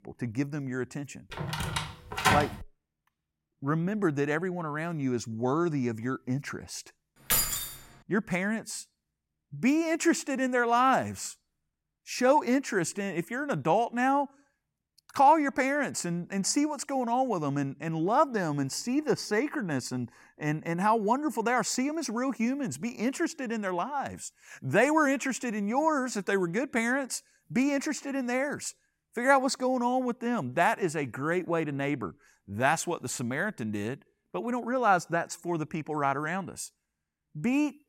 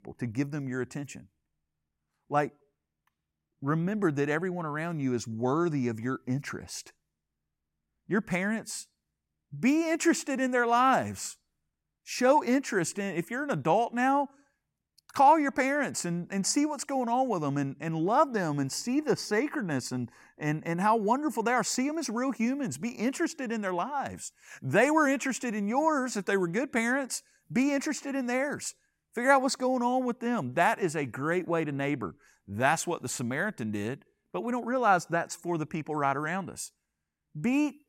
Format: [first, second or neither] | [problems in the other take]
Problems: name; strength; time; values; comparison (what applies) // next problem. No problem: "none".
second | door banging; loud; from 1.5 to 2.5 s; peak 3 dB above the speech // jangling keys; loud; at 7.5 s; peak 4 dB above the speech